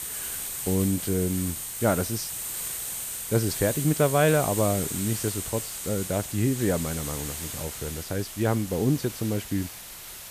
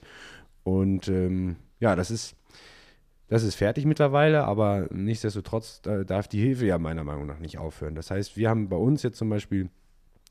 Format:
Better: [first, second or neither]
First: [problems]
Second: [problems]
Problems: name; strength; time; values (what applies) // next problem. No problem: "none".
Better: second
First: hiss; loud; throughout; 5 dB below the speech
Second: none